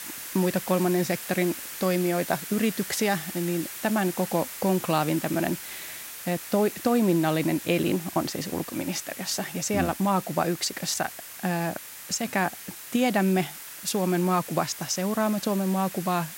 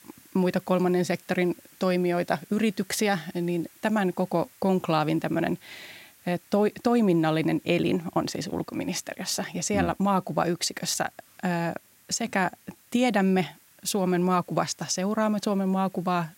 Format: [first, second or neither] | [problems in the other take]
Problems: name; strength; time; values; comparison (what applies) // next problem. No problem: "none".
second | hiss; loud; throughout; 10 dB below the speech; faint in the second